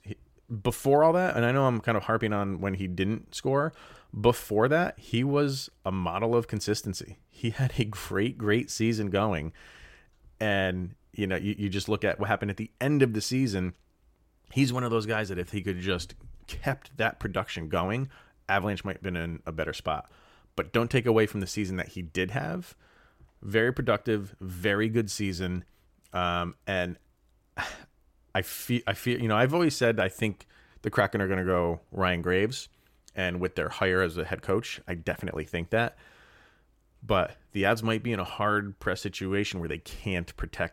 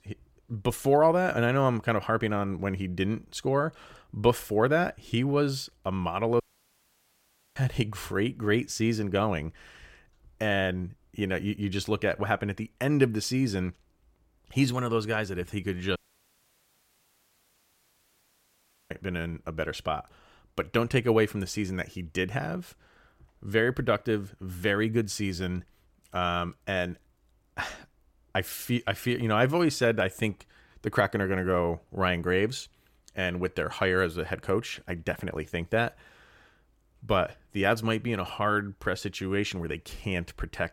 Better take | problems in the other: first | audio cutting out; at 6.5 s for 1 s and at 16 s for 3 s

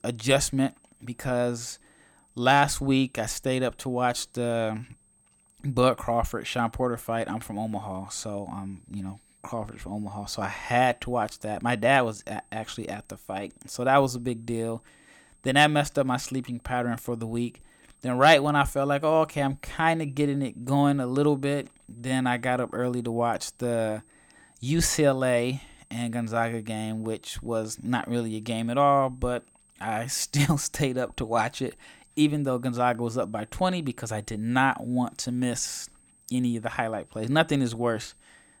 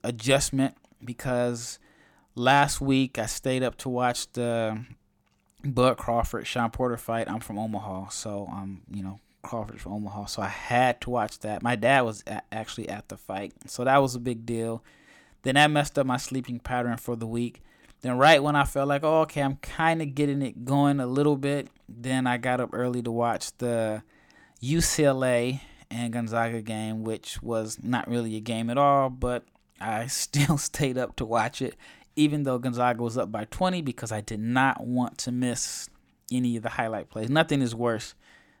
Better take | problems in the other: second | high-pitched whine; faint; throughout; 8.5 kHz, 35 dB below the speech

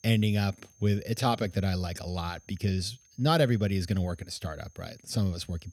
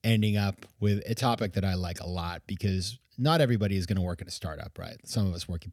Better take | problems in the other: second | high-pitched whine; faint; throughout; 6.5 kHz, 30 dB below the speech

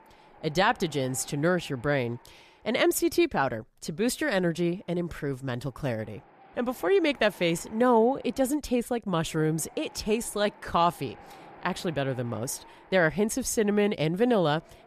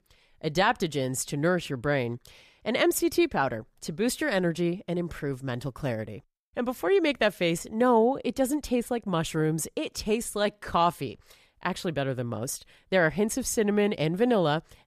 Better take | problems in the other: second | wind noise on the microphone; occasional gusts; 25 dB below the speech

